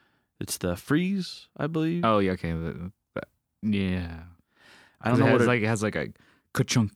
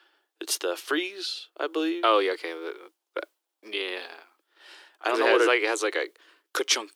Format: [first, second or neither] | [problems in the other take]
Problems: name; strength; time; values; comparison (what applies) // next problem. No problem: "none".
first | thin; very; fading below 300 Hz